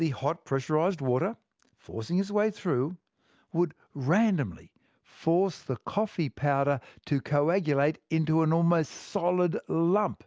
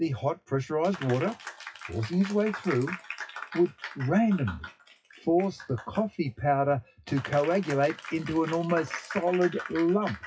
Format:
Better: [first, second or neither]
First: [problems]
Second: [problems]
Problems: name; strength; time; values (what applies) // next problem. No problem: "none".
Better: first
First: none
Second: noise reduction (classical method WPE with log-MMSE)